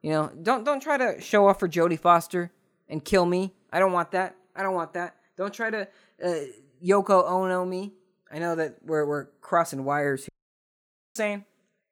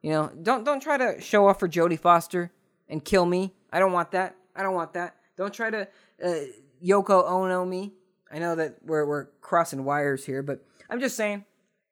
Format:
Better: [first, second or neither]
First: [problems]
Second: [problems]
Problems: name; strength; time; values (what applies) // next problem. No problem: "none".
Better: second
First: audio cutting out; at 10 s for 1 s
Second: none